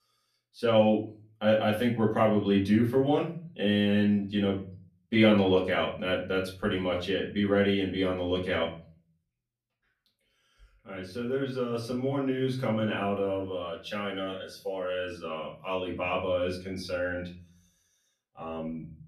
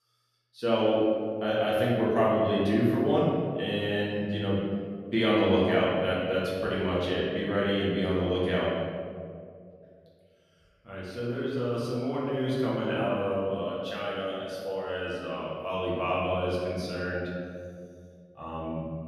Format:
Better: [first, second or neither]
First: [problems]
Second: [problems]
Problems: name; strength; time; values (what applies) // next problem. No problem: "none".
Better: first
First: room echo; slight; dies away in 0.4 s // off-mic speech; far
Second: room echo; strong; dies away in 2.2 s // off-mic speech; far